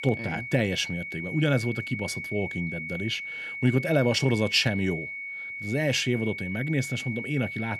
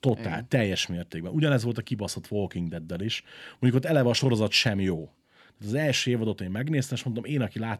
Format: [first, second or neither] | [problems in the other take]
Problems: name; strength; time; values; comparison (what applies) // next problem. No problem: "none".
second | high-pitched whine; loud; throughout; 2 kHz, 6 dB below the speech